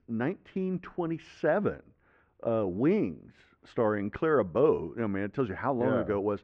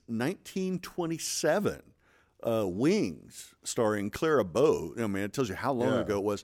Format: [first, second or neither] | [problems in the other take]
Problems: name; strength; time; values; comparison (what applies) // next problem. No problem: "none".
second | muffled; very; fading above 2 kHz